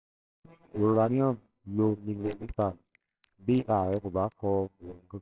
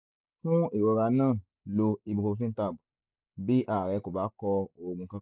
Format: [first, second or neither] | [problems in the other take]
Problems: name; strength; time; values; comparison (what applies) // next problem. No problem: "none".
second | noise reduction (neural separator model SepFormer WHAMR!)